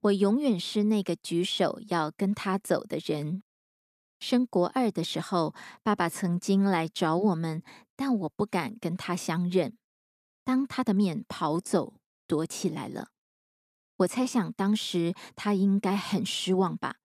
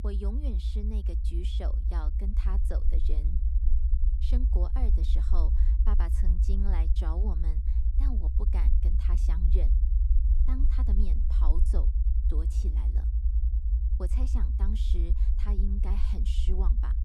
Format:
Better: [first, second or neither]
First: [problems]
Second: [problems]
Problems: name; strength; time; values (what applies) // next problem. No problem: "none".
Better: first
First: none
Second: low rumble; loud; throughout; 3 dB below the speech